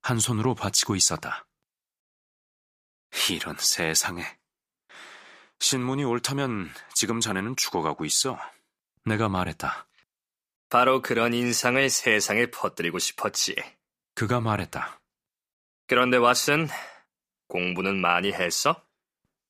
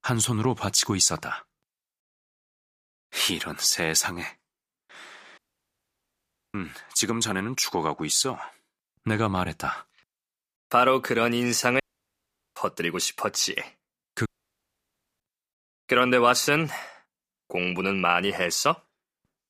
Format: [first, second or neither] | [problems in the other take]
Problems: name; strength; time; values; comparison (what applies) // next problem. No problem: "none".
first | audio cutting out; at 5.5 s for 1 s, at 12 s for 1 s and at 14 s for 1 s